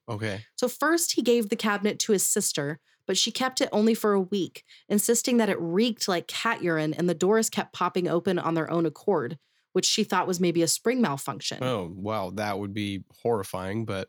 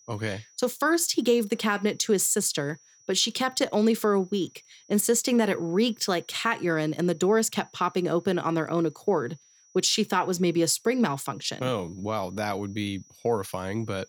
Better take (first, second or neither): first